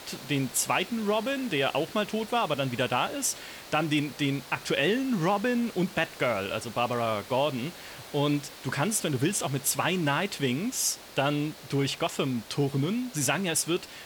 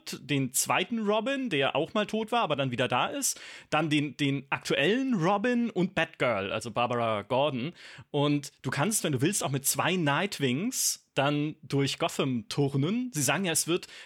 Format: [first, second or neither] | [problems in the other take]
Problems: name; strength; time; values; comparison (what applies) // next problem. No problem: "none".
second | hiss; noticeable; throughout; 15 dB below the speech